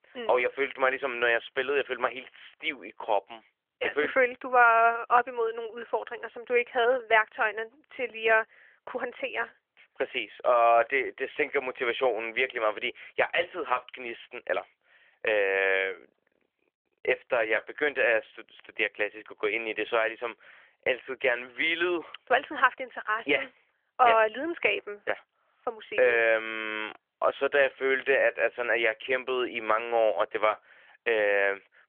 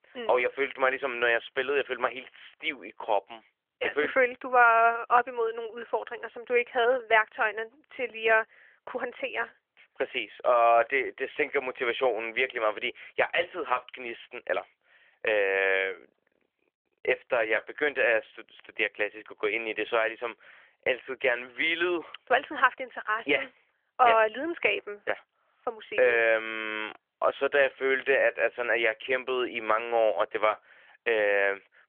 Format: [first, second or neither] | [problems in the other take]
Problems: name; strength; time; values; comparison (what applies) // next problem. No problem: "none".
neither | phone-call audio; nothing above 3.5 kHz; the same in both